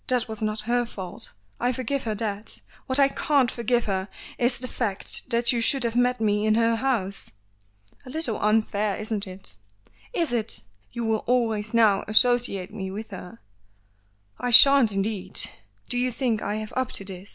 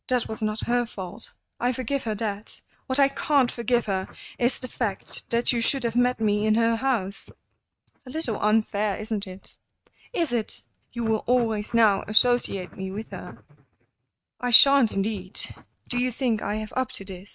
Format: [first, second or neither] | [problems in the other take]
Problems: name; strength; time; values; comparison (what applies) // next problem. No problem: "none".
first | noise reduction (neural mask model RNNoise)